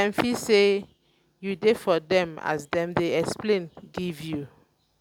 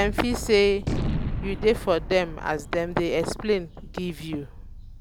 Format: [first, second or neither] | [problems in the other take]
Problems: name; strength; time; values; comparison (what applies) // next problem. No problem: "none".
first | background sound (Gunshot, gunfire); 7 dB below the speech